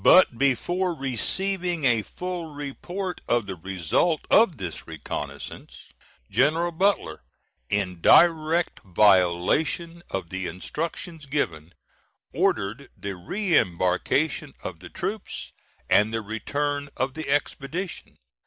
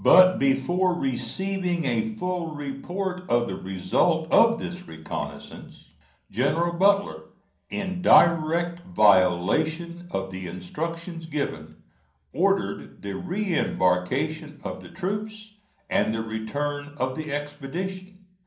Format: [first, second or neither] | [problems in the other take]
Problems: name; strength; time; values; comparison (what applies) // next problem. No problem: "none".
first | room echo; dies away in 0.6 s